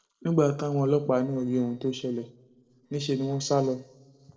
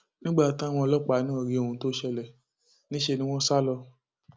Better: second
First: noise reduction (neural separator model SepFormer DNS4)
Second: none

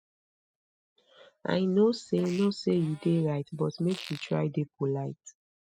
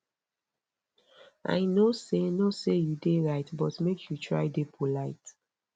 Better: second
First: noise reduction (classical method spectral subtraction)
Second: none

